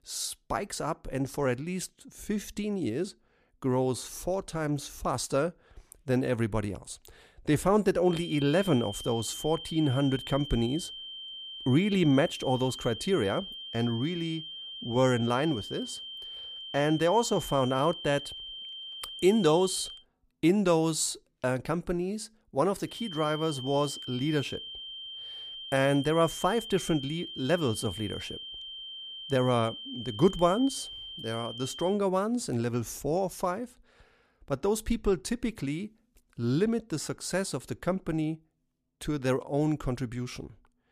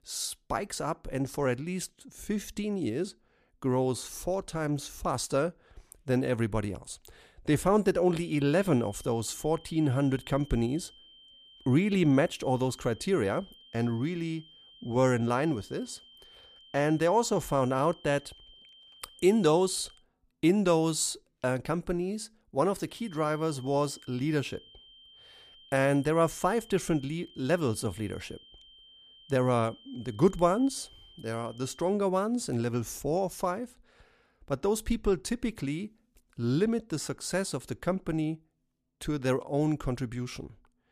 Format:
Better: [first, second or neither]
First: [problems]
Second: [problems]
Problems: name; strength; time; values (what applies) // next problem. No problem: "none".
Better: second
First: high-pitched whine; loud; from 8 to 20 s and from 23 to 32 s; 3 kHz, 10 dB below the speech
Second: high-pitched whine; faint; from 8 to 20 s and from 23 to 32 s; 3 kHz, 25 dB below the speech